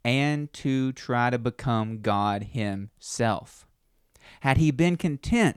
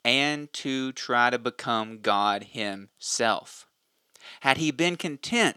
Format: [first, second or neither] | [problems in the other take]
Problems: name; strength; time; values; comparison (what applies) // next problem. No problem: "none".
first | thin; somewhat; fading below 300 Hz